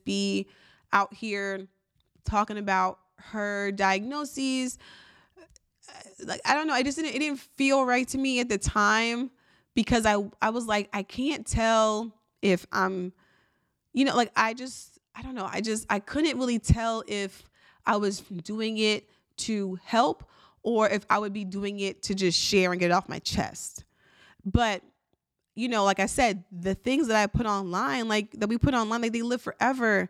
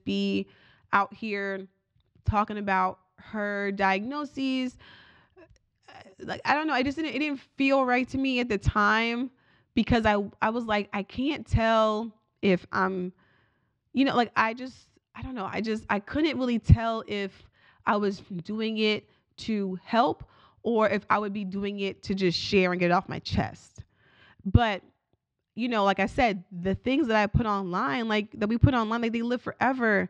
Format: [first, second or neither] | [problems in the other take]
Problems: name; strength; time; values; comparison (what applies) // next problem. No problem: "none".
first | muffled; very slightly; fading above 4 kHz